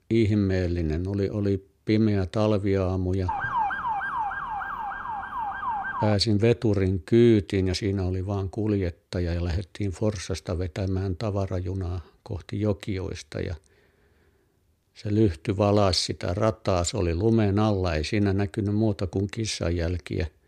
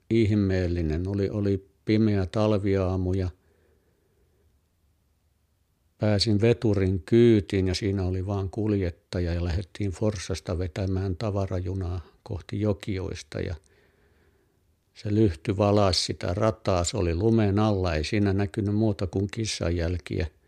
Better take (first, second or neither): second